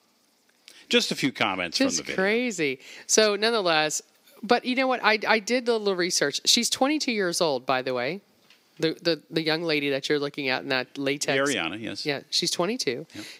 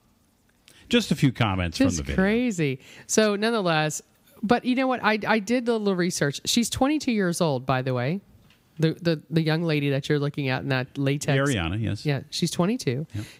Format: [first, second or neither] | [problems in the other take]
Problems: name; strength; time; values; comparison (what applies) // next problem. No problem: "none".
second | thin; very slightly; fading below 350 Hz